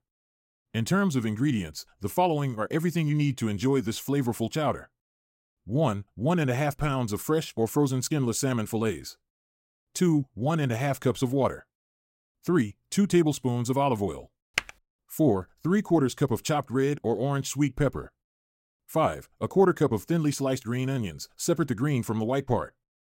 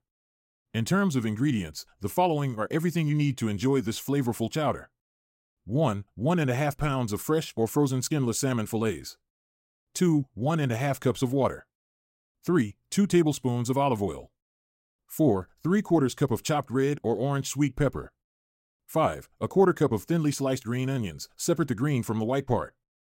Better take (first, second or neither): second